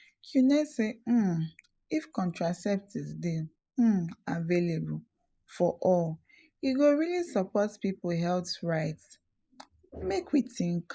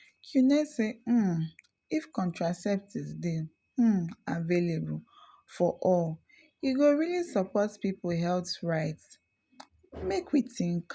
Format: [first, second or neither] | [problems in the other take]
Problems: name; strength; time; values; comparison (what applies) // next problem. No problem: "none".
second | noise reduction (neural mask model Resemble Enhance denoiser)